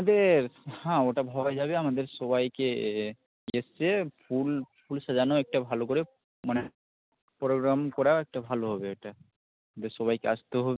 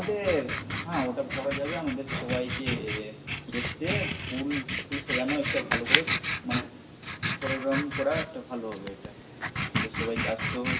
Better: first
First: none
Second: background sound (Writing); 1 dB above the speech // room echo; dies away in 0.7 s

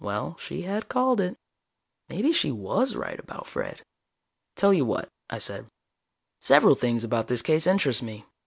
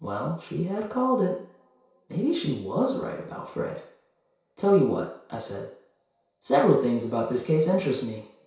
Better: first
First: none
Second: room echo; dies away in 0.6 s

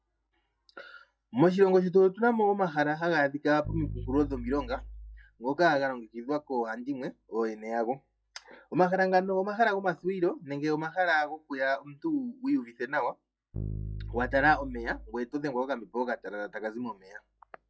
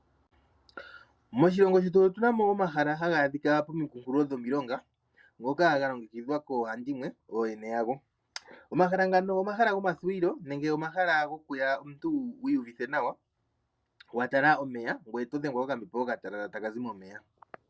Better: second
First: noise reduction (classical method log-MMSE)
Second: none

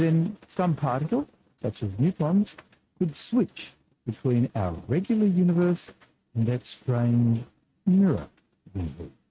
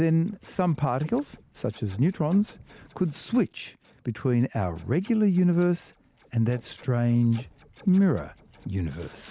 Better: second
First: noise reduction (neural mask model RNNoise)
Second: none

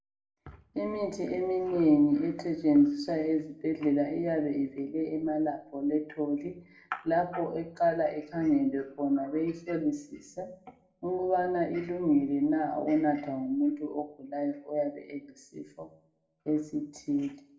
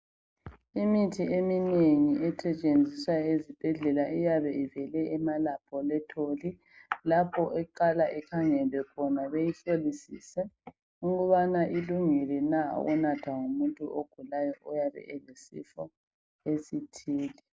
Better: second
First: room echo; dies away in 0.4 s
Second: none

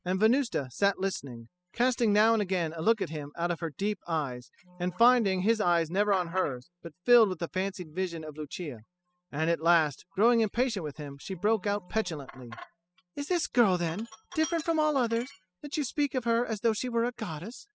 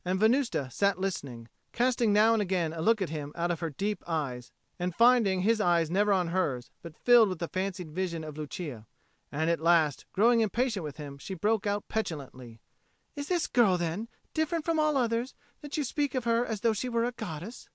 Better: second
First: noise reduction (classical method spectral subtraction)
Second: none

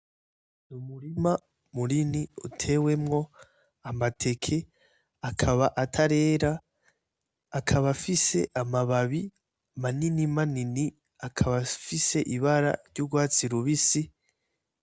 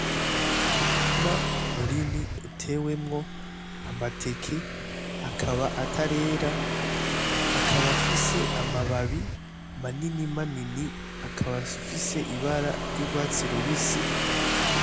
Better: first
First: none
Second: background sound (Motorcycle / Engine); 3 dB above the speech

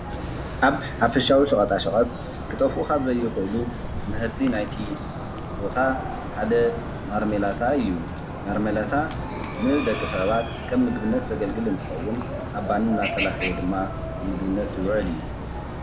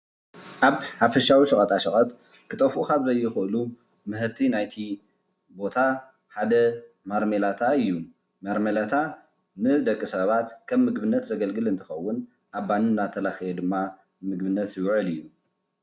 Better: second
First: background sound (Chicken, rooster); 5 dB below the speech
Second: none

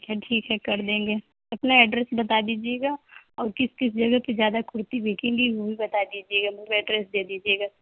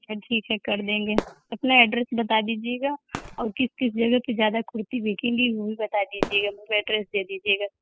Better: first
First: none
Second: noise reduction (classical method spectral subtraction)

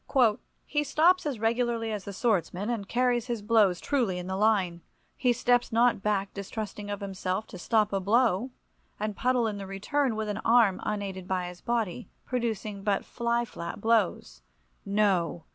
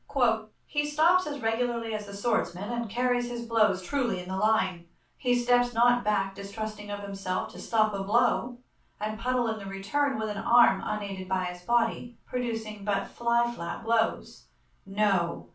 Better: first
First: none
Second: room echo; dies away in 0.3 s

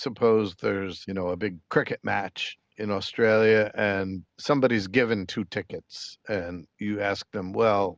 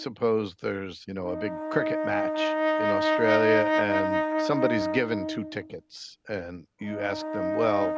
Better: first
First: none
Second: background sound (Brass instrument); 1 dB above the speech

